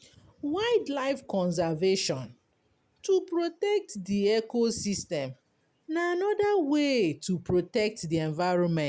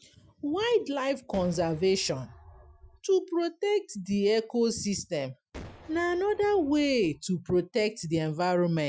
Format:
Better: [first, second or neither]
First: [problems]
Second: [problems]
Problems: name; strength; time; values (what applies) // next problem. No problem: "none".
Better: first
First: none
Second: noise reduction (classical method Wiener filter)